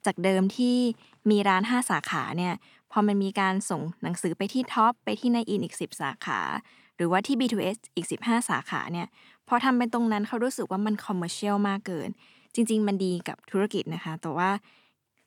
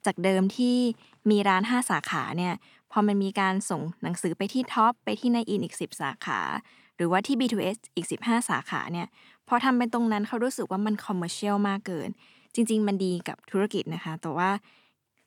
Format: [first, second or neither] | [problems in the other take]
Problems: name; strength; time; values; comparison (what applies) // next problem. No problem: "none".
neither | none